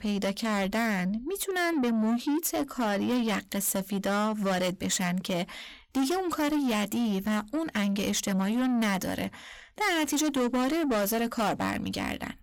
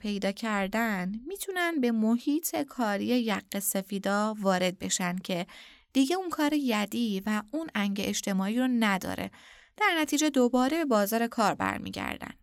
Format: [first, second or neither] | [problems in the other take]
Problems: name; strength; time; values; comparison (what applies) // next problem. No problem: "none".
second | distortion; heavy; 8 dB below the speech